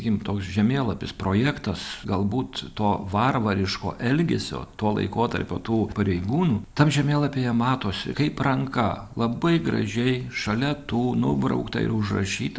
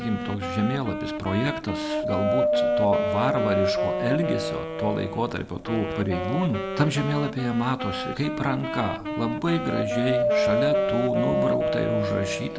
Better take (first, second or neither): first